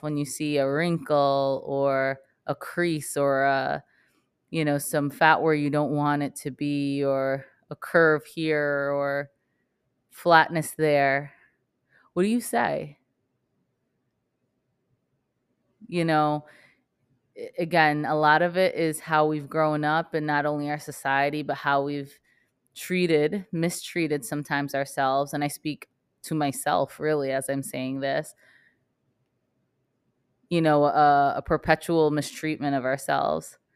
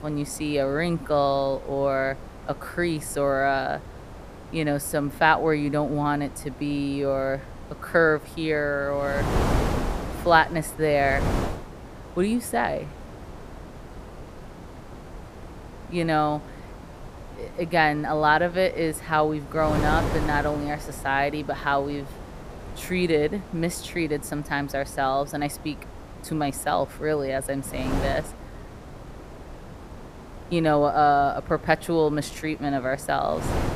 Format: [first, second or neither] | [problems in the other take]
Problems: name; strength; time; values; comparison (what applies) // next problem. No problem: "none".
first | wind noise on the microphone; occasional gusts; 15 dB below the speech